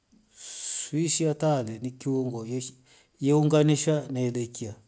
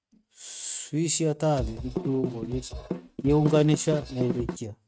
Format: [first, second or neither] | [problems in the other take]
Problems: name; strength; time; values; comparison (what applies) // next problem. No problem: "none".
first | noise reduction (neural mask model RNNoise)